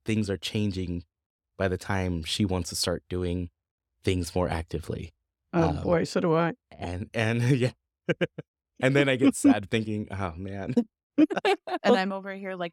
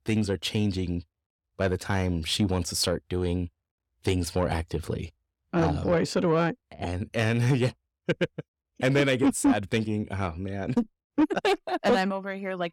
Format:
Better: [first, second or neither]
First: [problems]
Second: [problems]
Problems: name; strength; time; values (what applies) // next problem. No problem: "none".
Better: first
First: none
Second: distortion; slight; 10 dB below the speech